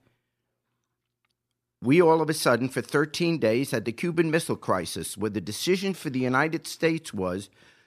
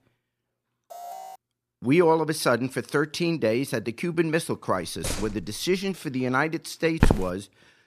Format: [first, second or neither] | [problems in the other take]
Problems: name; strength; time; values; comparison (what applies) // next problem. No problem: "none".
first | alarm; faint; at 1 s; peak 15 dB below the speech // door banging; noticeable; at 5 s; peak 7 dB below the speech // footsteps; loud; at 7 s; peak 2 dB above the speech